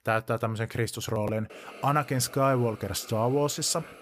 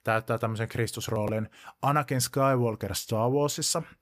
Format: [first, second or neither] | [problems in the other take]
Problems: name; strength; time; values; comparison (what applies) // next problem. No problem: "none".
second | hiss; noticeable; from 1.5 s on; 20 dB below the speech